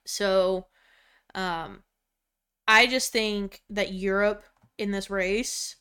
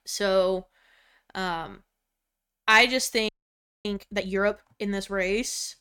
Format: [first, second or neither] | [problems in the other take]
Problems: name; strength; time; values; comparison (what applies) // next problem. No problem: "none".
first | audio freezing; at 3.5 s for 0.5 s